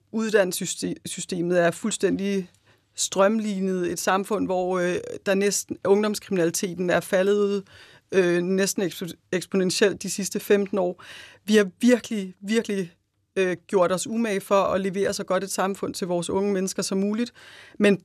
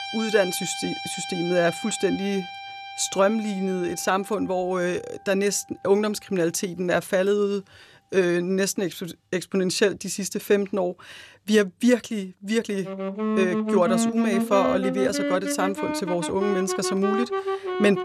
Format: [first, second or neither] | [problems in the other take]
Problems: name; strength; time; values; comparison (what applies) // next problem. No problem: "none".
first | background music; loud; throughout; 4 dB below the speech